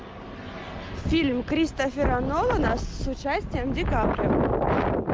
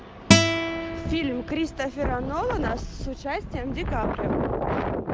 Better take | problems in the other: first | background sound (Acoustic guitar); 1 dB above the speech

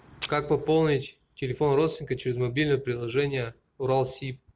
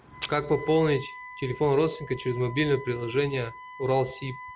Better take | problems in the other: first | background sound (Wind instrument, woodwind instrument); 16 dB below the speech

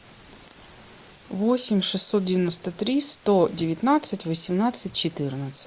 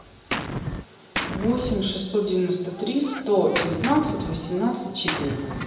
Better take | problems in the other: first | background sound (Gunshot, gunfire); 7 dB below the speech // room echo; dies away in 0.9 s

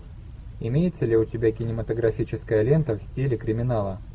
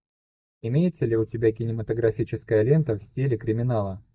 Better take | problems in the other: first | noise reduction (neural mask model DeepFilterNet 3)

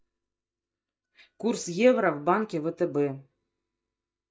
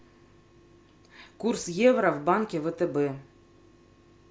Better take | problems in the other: second | noise reduction (neural mask model DeepFilterNet 3)

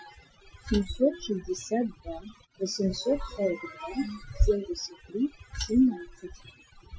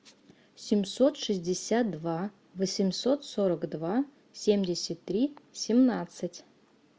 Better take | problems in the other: second | noise reduction (classical method Wiener filter)

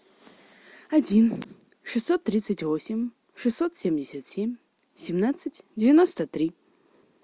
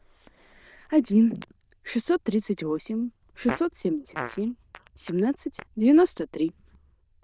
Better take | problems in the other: first | noise reduction (neural diffusion model UNIVERSE++)

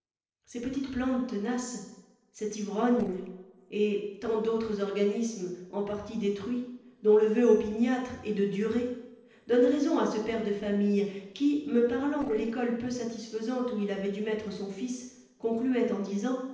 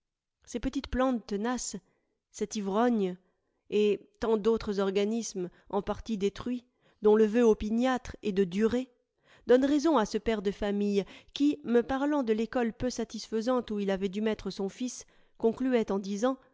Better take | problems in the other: second | noise reduction (neural separator model SepFormer DNS4)

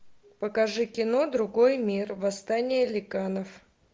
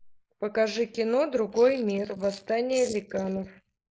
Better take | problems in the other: first | noise reduction (neural mask model Resemble Enhance denoiser)

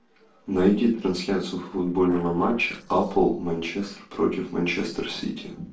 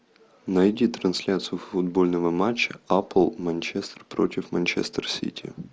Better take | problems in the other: second | noise reduction (neural separator model SepFormer DNS4)

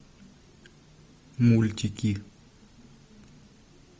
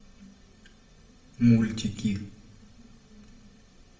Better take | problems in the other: first | room echo; dies away in 0.6 s

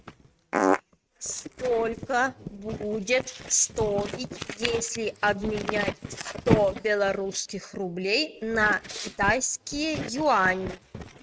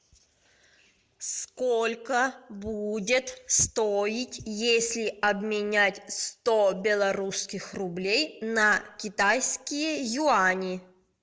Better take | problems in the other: second | noise reduction (neural mask model RNNoise)

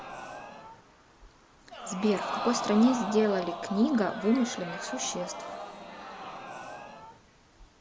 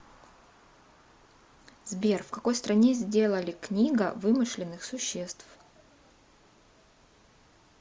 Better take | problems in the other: second | background sound (Crowd); 8 dB below the speech

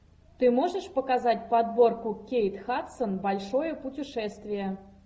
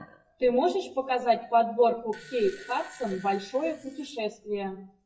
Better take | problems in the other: first | noise reduction (classical method WPE with log-MMSE)

